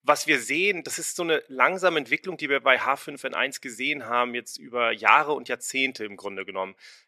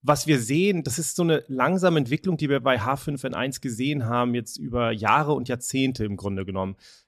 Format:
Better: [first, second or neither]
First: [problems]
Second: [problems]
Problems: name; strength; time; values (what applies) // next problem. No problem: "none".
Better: second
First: thin; somewhat; fading below 450 Hz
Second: none